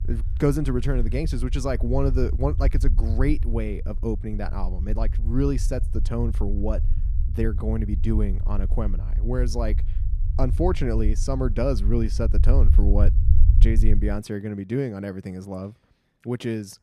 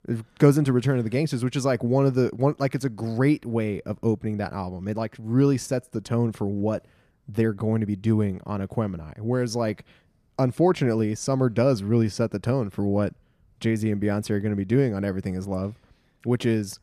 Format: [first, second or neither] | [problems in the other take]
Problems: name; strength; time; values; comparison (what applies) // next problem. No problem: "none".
second | low rumble; noticeable; until 14 s; 15 dB below the speech